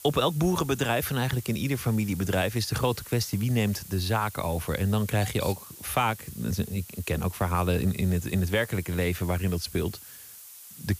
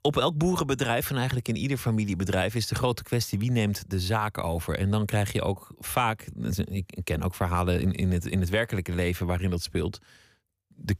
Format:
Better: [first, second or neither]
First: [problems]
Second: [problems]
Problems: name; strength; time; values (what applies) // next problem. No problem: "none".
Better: second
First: hiss; noticeable; throughout; 15 dB below the speech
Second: none